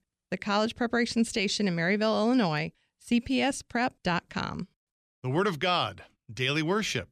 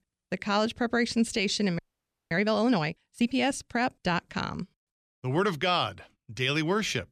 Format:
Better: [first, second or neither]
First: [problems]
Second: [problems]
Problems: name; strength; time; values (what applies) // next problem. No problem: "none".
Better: first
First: none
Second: audio freezing; at 2 s for 0.5 s